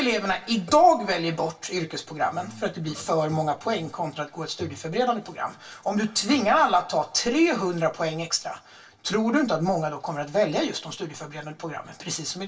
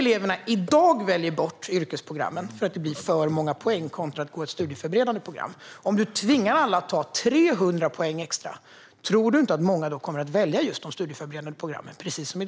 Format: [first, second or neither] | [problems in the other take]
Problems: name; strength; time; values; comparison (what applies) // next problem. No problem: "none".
second | room echo; dies away in 0.1 s